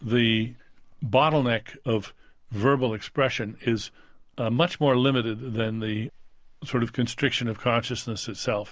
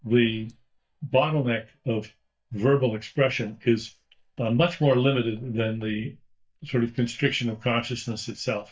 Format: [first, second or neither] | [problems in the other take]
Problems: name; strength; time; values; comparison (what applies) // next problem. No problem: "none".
first | noise reduction (neural mask model DeepFilterNet 3)